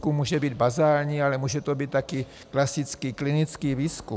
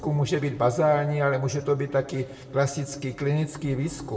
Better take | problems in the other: first | room echo; dies away in 0.9 s

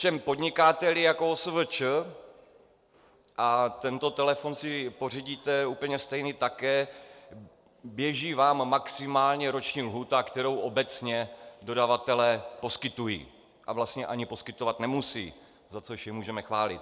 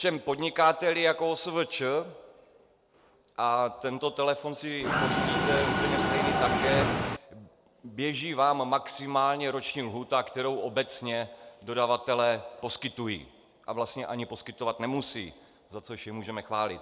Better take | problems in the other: first | background sound (Mechanisms); 3 dB above the speech

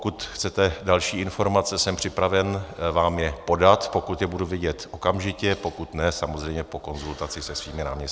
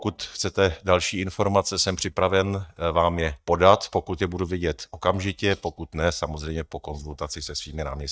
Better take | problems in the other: first | noise reduction (neural mask model DeepFilterNet 3)

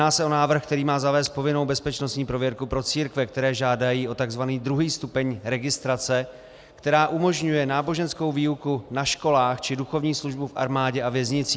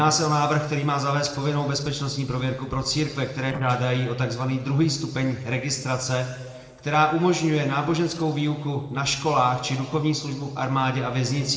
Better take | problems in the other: first | noise reduction (neural separator model SepFormer DNS4)

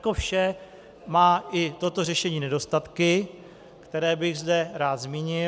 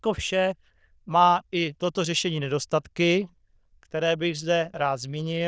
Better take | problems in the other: first | noise reduction (neural diffusion model UNIVERSE++)

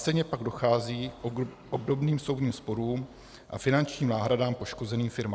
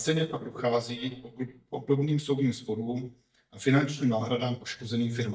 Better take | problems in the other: first | noise reduction (neural mask model DeepFilterNet 3)

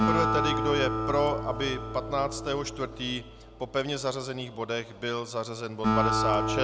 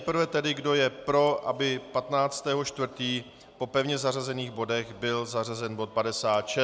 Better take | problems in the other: second | background sound (Acoustic guitar); as loud as the speech

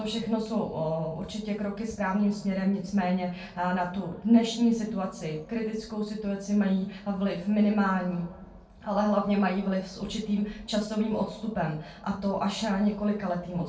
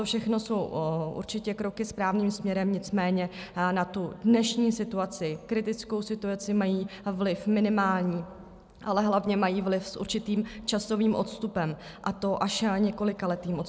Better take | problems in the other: second | room echo; dies away in 0.3 s

